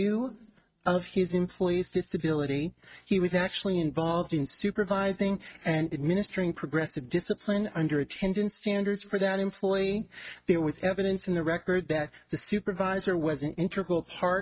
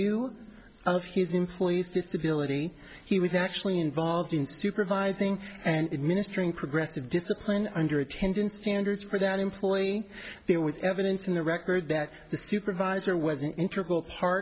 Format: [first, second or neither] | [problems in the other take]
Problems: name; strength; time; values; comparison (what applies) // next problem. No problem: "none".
second | noise reduction (neural mask model RNNoise)